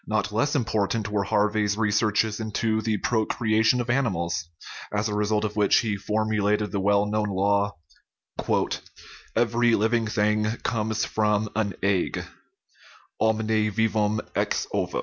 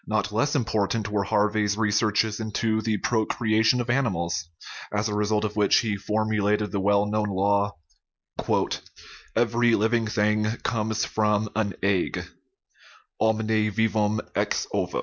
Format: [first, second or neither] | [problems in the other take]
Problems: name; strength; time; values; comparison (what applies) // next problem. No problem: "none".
first | noise reduction (neural mask model Resemble Enhance denoiser)